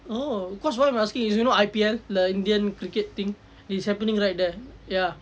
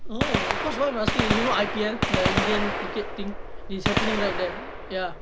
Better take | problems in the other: first | background sound (Gunshot, gunfire); 2 dB above the speech

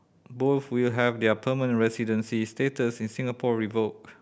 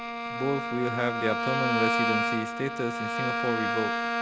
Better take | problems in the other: first | background sound (Bowed string instrument); 2 dB above the speech

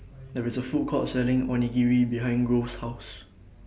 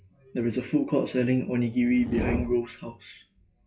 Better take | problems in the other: first | noise reduction (classical method WPE with log-MMSE)

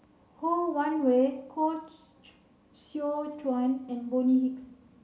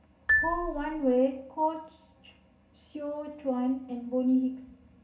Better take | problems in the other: first | background sound (Marimba, xylophone); 2 dB below the speech // room echo; dies away in 0.4 s

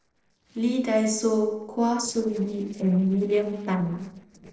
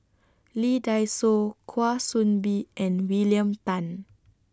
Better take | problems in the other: second | noise reduction (neural separator model SepFormer DNS4)

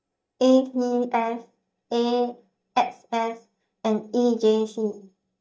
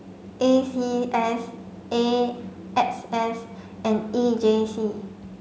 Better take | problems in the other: second | noise reduction (neural mask model DeepFilterNet 3)

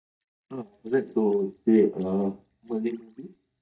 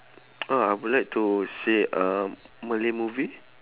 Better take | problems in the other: second | noise reduction (neural mask model DeepFilterNet 3)

